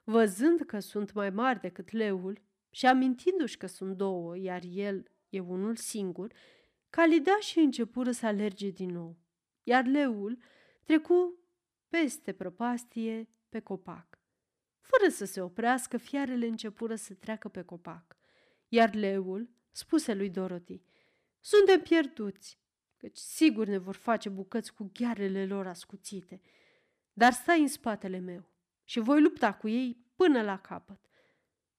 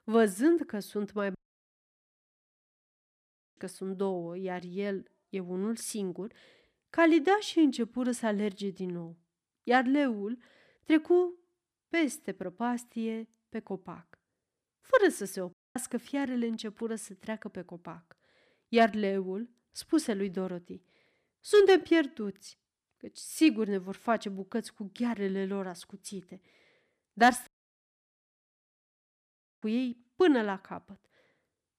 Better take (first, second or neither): first